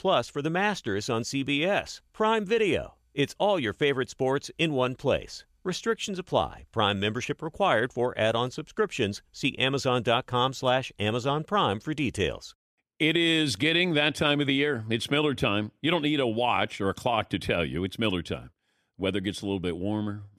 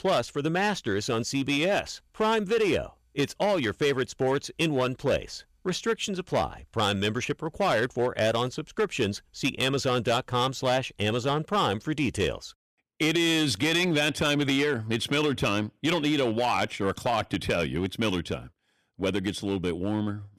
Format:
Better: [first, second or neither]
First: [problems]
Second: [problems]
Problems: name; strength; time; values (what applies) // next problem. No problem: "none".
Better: first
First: none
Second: distortion; slight; 6% of the sound clipped